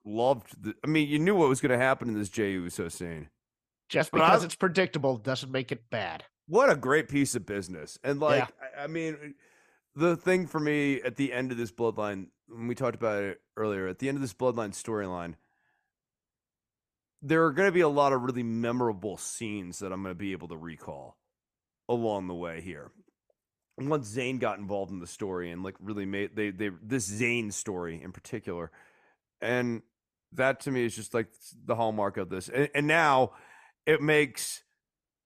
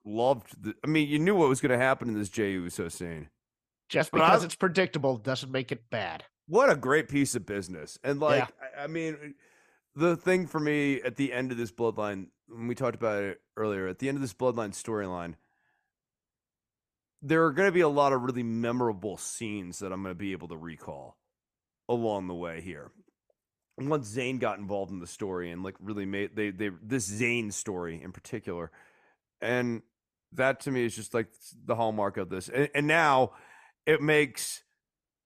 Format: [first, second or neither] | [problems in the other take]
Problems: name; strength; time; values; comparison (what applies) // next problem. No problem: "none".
neither | none